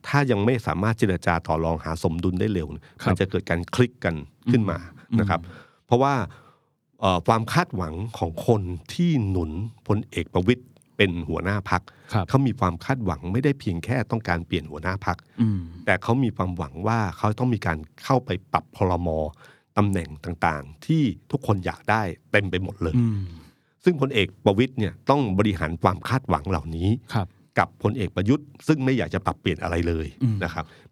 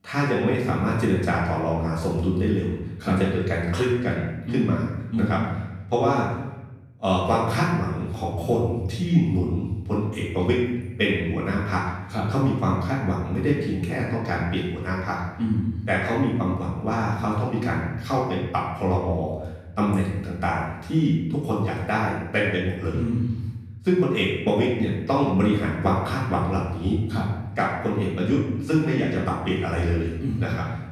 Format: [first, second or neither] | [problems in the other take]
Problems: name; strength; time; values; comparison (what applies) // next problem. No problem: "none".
first | off-mic speech; far // room echo; noticeable; dies away in 0.9 s